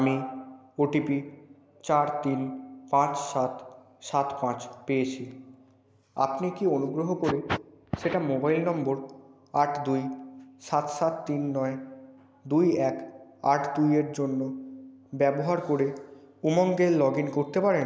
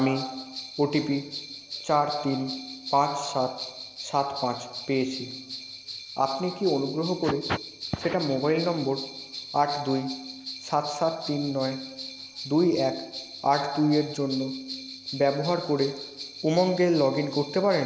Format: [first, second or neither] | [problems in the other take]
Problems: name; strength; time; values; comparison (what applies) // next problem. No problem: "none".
first | background sound (Bell); 12 dB below the speech